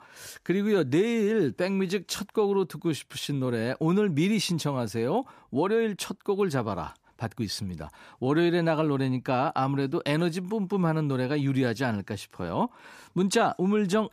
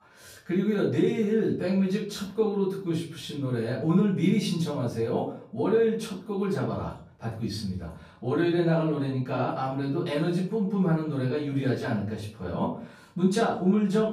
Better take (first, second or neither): first